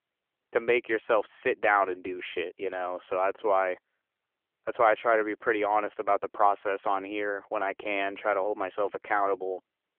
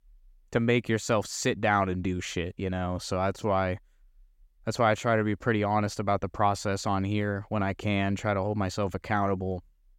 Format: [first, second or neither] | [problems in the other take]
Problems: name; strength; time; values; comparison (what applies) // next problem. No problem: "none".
second | phone-call audio; nothing above 3 kHz